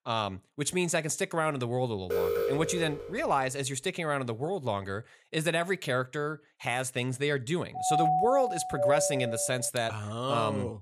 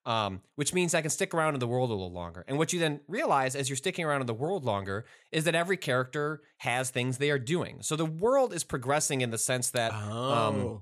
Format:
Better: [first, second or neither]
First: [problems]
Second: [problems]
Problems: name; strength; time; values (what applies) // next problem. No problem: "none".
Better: second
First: alarm; loud; from 2 to 3 s; peak 2 dB above the speech // doorbell; loud; from 8 to 9.5 s; peak 5 dB above the speech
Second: none